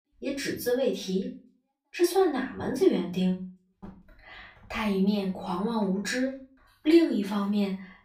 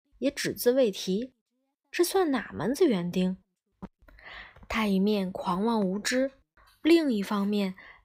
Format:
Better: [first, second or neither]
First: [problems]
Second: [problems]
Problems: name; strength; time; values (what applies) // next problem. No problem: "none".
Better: second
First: off-mic speech; far // room echo; slight; dies away in 0.3 s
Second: none